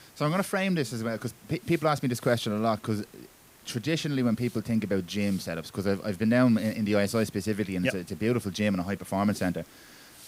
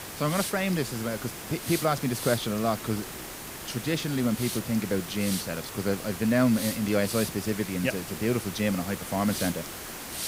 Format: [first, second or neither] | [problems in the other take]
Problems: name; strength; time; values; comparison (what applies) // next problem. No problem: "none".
first | hiss; loud; throughout; 7 dB below the speech; faint in the first